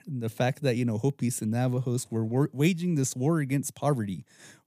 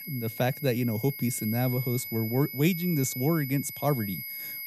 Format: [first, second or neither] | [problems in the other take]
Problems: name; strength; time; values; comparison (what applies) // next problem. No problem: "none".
first | high-pitched whine; loud; throughout; 12 kHz, 8 dB below the speech